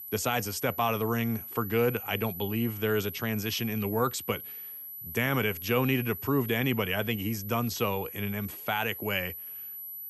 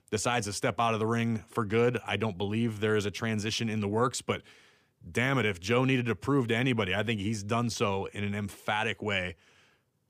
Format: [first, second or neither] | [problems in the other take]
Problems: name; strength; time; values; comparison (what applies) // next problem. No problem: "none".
second | high-pitched whine; loud; throughout; 12 kHz, 9 dB below the speech